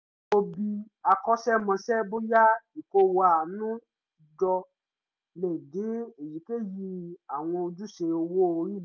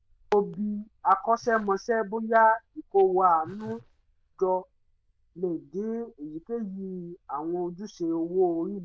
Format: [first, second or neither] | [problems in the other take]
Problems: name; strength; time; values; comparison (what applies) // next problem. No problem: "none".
first | noise reduction (neural diffusion model UNIVERSE++)